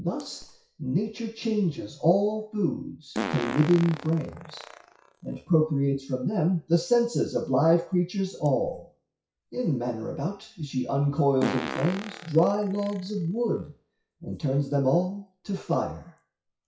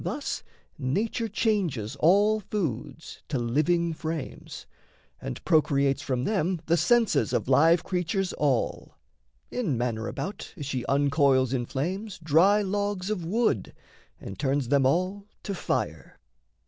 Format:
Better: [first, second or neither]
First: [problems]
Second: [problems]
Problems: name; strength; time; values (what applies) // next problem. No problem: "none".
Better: second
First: noise reduction (classical method WPE with log-MMSE)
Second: none